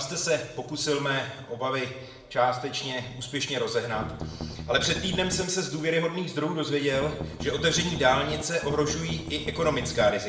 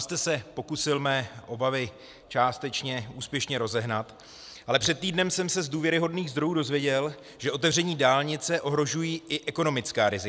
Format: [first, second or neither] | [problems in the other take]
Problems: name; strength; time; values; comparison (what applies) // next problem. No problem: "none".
second | background sound (Strum); 8 dB below the speech // room echo; dies away in 0.7 s